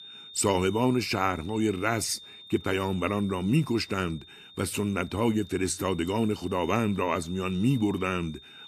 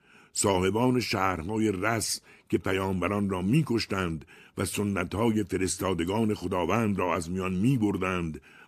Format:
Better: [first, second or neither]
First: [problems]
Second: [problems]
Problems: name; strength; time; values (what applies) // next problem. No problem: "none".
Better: second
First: high-pitched whine; noticeable; throughout; 3.5 kHz, 20 dB below the speech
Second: none